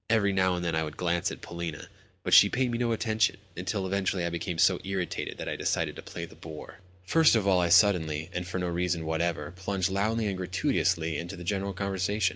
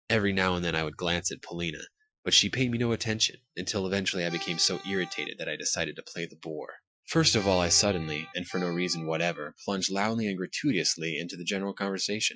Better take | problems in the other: first | noise reduction (classical method Wiener filter)

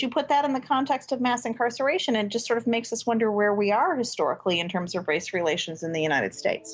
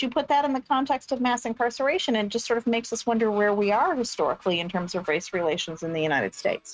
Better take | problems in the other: first | noise reduction (neural mask model RNNoise)

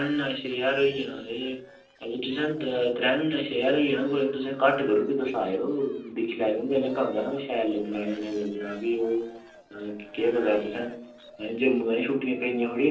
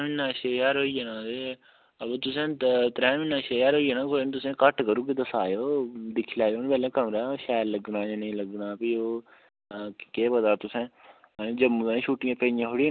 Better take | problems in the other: second | noise reduction (neural separator model SepFormer DNS4)

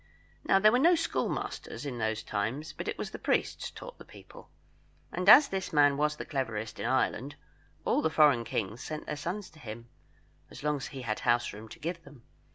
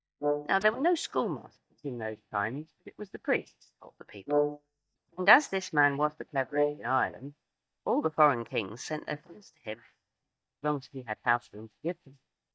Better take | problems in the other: first | noise reduction (neural mask model DeepFilterNet 3)

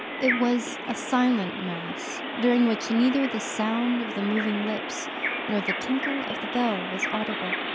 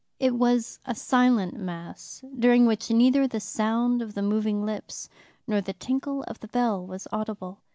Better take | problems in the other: second | background sound (Bird vocalization, bird call, bird song); 4 dB below the speech

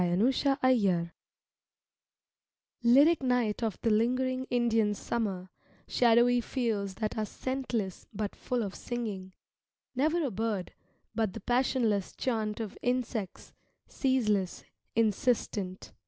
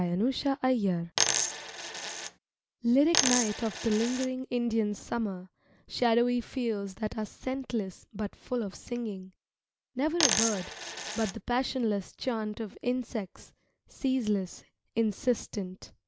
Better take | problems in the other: first | background sound (Coin (dropping)); as loud as the speech

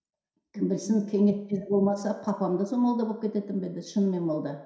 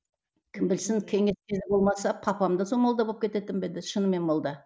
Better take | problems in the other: second | room echo; dies away in 0.7 s

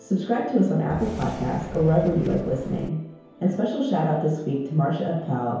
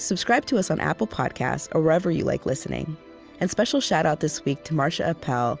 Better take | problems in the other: second | background sound (Subway, metro, underground); 12 dB below the speech // room echo; dies away in 1 s

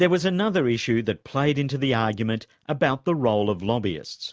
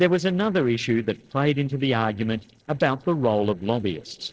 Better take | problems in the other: first | noise reduction (neural separator model SepFormer DNS4)

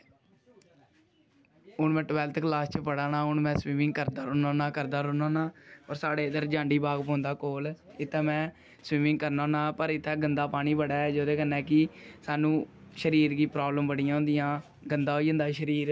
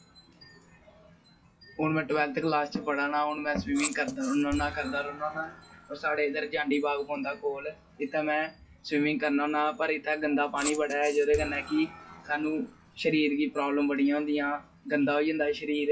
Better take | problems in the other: first | noise reduction (classical method WPE with log-MMSE)

